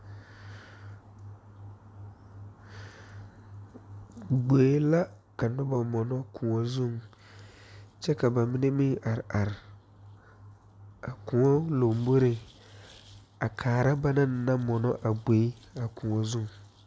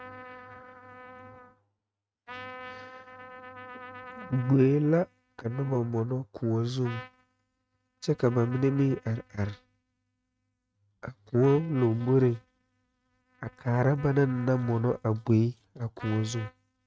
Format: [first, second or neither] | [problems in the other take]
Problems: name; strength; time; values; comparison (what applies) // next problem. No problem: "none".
first | noise reduction (neural mask model RNNoise)